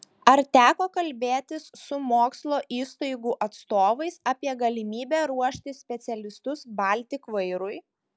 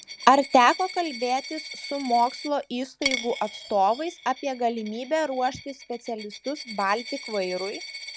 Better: first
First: none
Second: background sound (Coin (dropping)); 12 dB below the speech

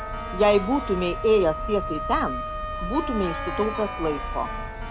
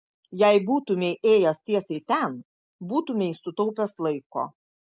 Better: second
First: background sound (Keyboard (musical) + Wind instrument, woodwind instrument); 5 dB below the speech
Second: none

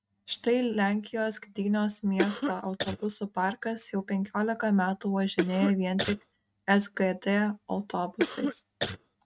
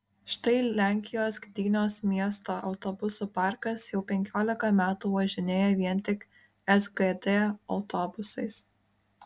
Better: second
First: noise reduction (neural mask model RNNoise)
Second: none

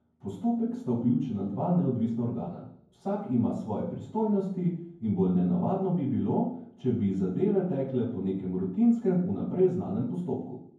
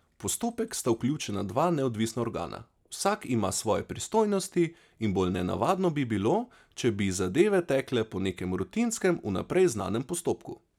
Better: second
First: room echo; dies away in 0.9 s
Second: none

